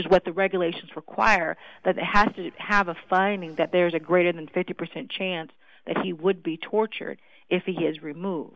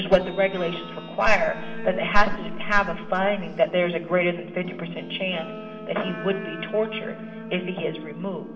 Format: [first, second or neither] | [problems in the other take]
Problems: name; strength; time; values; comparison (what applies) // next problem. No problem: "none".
first | background sound (Guitar); 13 dB below the speech // room echo; dies away in 0.9 s